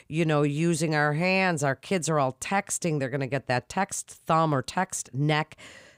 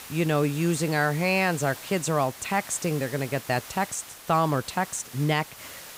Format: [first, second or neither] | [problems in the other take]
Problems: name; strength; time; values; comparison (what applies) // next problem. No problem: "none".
first | hiss; noticeable; throughout; 15 dB below the speech